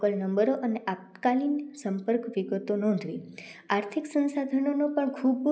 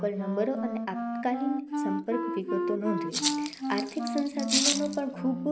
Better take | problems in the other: first | background sound (Wind instrument, woodwind instrument + Rattle (instrument)); as loud as the speech

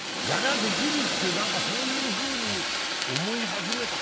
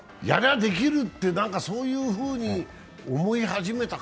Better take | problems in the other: second | background sound (Fire); 4 dB above the speech

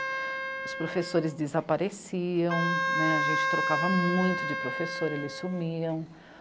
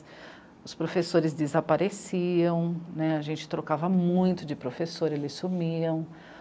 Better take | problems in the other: second | background sound (Wind instrument, woodwind instrument); 1 dB below the speech

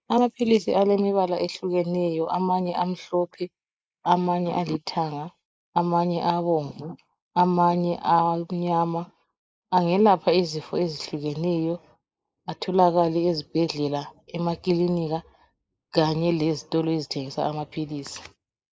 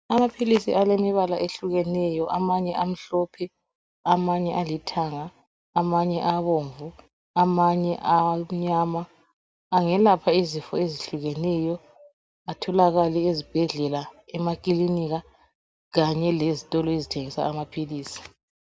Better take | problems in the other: second | noise reduction (neural mask model Resemble Enhance denoiser)

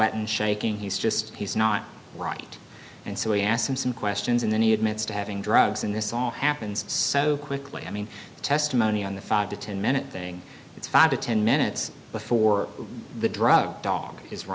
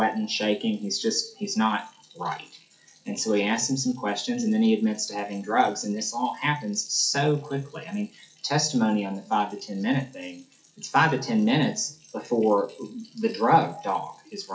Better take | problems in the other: first | noise reduction (classical method WPE with log-MMSE)

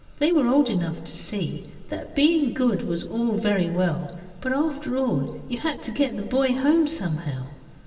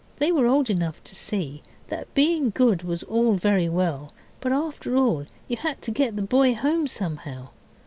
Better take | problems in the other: second | room echo; dies away in 2.2 s

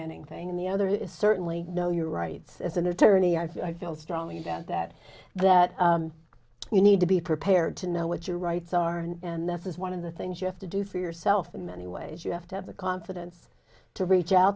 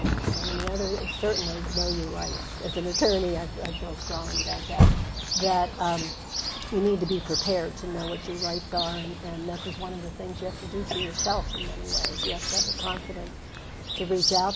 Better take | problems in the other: first | background sound (Chirp, tweet); 1 dB above the speech

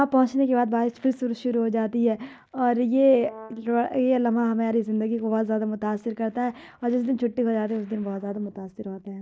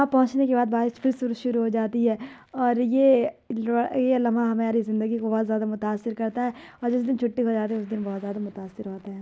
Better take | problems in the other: second | noise reduction (neural mask model DeepFilterNet 3)

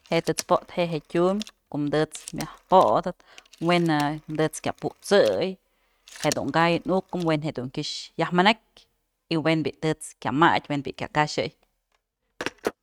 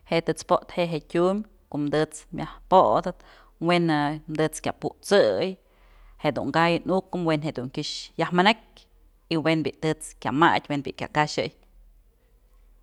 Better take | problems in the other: second | noise reduction (neural mask model RNNoise)

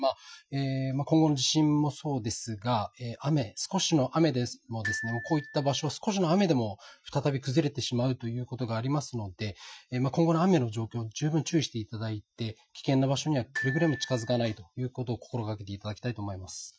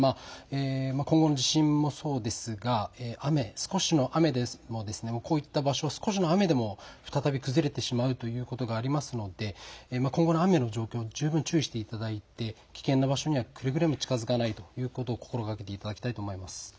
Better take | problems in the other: second | noise reduction (classical method Wiener filter)

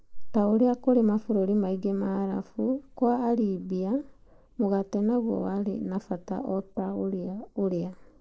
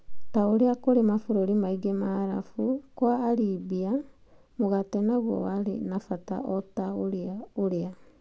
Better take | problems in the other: second | noise reduction (neural mask model Resemble Enhance denoiser)

